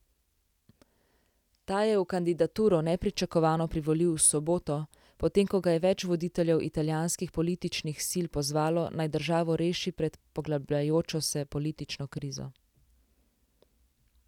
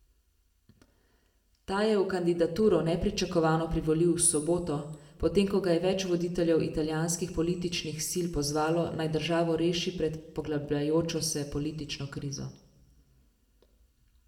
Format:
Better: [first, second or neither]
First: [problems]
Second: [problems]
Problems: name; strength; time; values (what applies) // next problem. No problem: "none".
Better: first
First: none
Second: room echo; dies away in 0.7 s